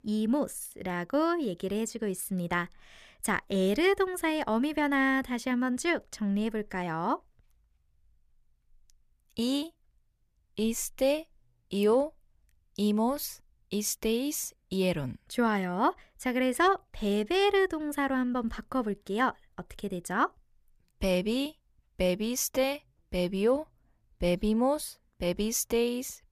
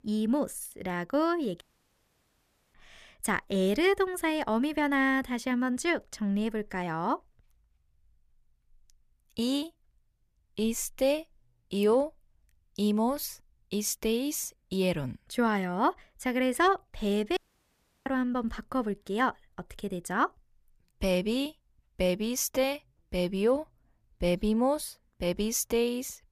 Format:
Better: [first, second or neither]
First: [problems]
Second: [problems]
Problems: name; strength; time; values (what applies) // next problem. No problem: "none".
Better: first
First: none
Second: audio cutting out; at 1.5 s for 1 s and at 17 s for 0.5 s